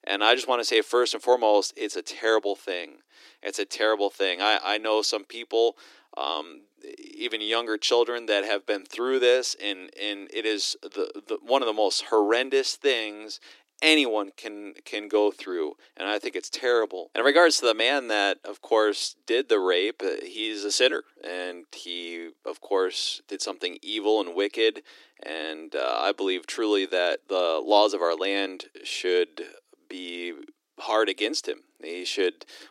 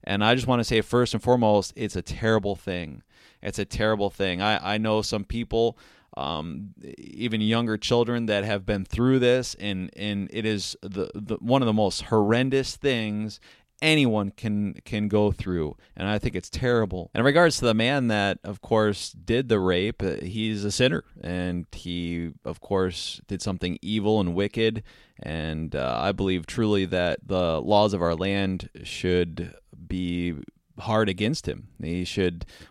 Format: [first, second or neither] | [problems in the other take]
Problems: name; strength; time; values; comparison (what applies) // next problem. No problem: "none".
second | thin; very; fading below 300 Hz